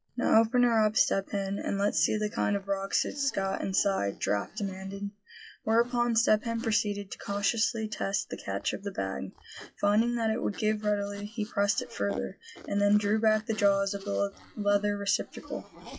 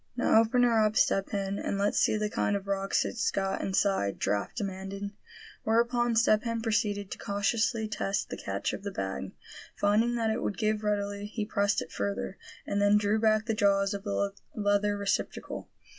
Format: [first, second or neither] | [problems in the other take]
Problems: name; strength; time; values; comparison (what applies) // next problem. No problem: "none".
second | noise reduction (classical method log-MMSE)